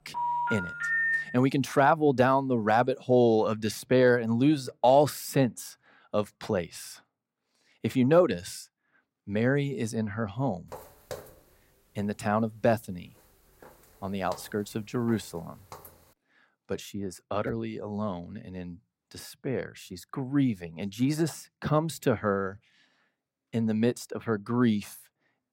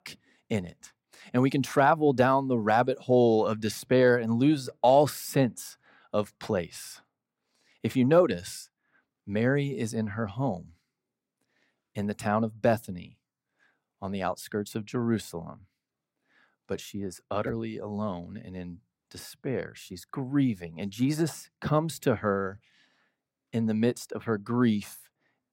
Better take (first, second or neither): second